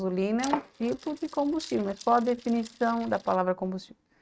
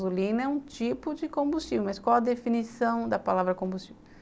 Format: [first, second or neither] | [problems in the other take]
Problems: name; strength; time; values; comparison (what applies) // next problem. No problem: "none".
second | noise reduction (neural mask model RNNoise)